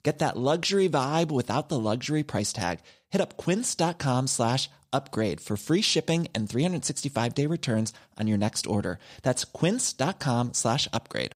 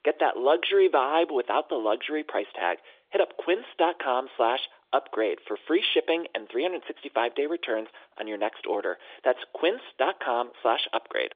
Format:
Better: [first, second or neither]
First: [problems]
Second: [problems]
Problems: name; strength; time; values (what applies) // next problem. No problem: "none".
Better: first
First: none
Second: phone-call audio